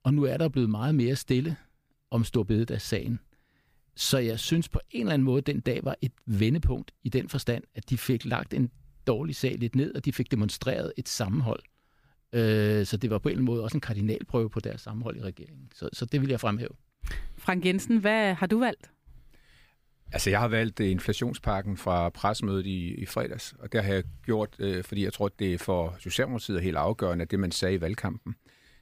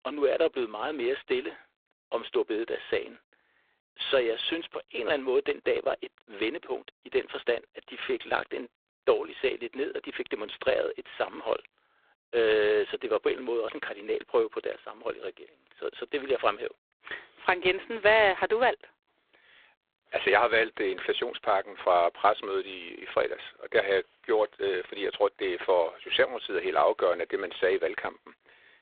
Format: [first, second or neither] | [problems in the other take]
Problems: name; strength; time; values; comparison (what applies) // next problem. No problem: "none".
first | phone-call audio; poor line; nothing above 3.5 kHz